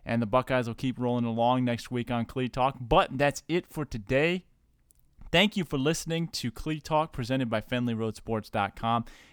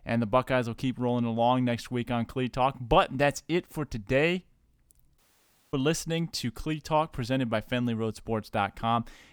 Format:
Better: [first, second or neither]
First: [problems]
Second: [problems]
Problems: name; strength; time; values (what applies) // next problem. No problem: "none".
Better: first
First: none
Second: audio cutting out; at 5 s for 0.5 s